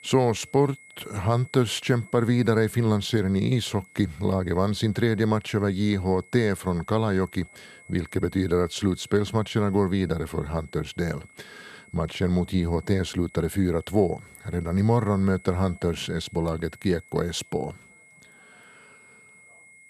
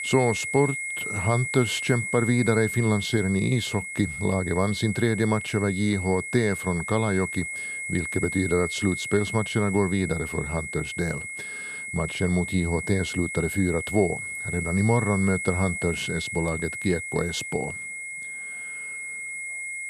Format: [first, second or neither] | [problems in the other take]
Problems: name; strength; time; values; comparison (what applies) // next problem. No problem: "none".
first | high-pitched whine; loud; throughout; 2 kHz, 5 dB below the speech; faint in the first